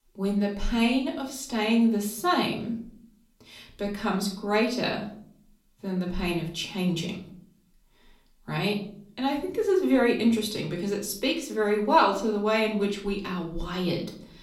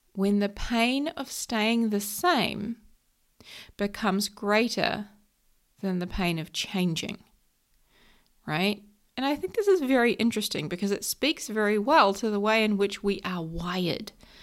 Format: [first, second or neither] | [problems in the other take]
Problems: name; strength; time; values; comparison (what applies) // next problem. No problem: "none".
second | off-mic speech; somewhat distant // room echo; slight; dies away in 0.5 s